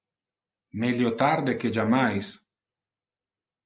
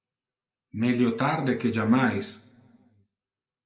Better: first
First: none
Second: room echo; dies away in 0.6 s

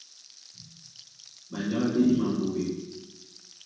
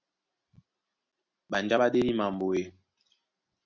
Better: second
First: background sound (Frying (food)); 20 dB below the speech // room echo; dies away in 1.1 s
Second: none

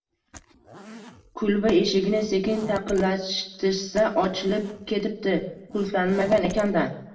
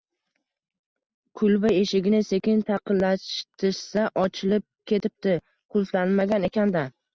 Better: second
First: background sound (Zipper (clothing)); 19 dB below the speech // room echo; dies away in 0.6 s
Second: none

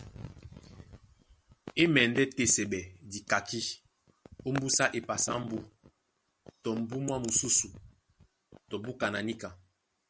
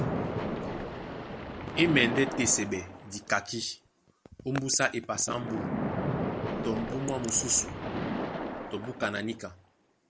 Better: first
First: none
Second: background sound (Splash, splatter); 4 dB below the speech

